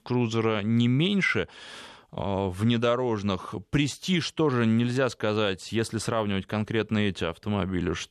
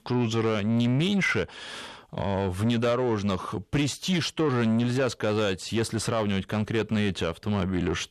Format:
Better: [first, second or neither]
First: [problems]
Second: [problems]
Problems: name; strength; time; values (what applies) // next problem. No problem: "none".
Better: first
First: none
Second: distortion; slight; 10 dB below the speech